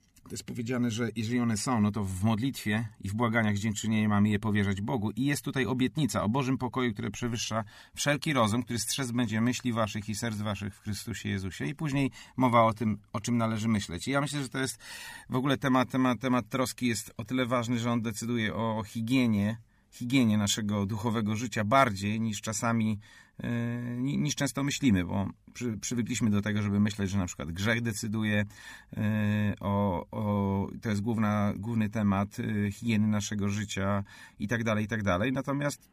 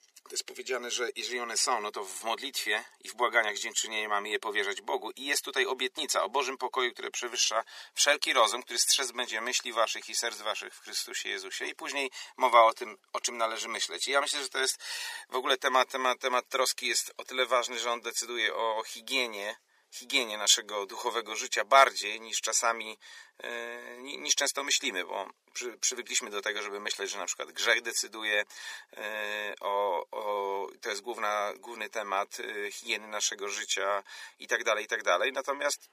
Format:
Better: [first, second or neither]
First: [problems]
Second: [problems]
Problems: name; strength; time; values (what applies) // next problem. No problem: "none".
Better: first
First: none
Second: thin; very; fading below 400 Hz